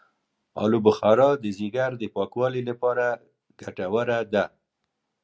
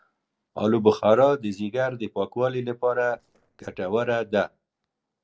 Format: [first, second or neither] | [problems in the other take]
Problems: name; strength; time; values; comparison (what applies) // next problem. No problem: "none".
first | noise reduction (neural separator model SepFormer DNS4)